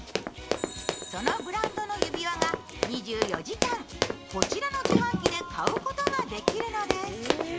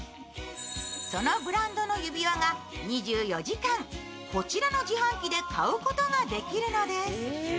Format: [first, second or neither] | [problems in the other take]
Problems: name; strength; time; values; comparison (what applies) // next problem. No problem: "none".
second | background sound (Run); 2 dB above the speech